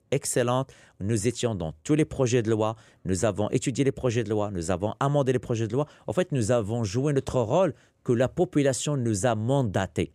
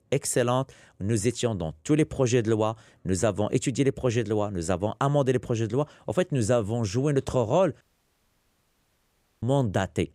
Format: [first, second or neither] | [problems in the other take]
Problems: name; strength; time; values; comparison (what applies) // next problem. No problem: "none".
first | audio cutting out; at 8 s for 1.5 s